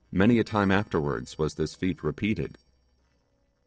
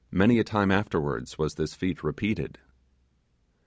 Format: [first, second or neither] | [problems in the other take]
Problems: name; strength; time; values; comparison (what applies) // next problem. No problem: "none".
second | noise reduction (neural separator model SepFormer DNS4)